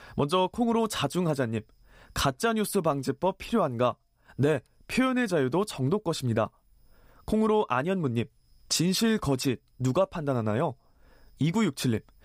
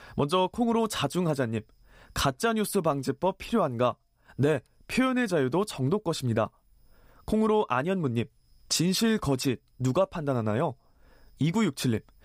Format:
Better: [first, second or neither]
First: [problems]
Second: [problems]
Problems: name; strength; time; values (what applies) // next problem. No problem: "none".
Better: neither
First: none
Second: none